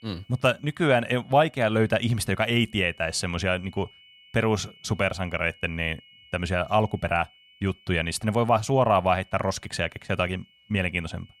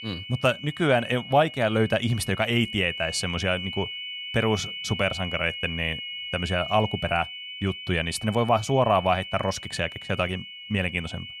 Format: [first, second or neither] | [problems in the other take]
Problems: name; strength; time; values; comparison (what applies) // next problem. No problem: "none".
first | high-pitched whine; loud; throughout; 3 kHz, 9 dB below the speech; faint in the first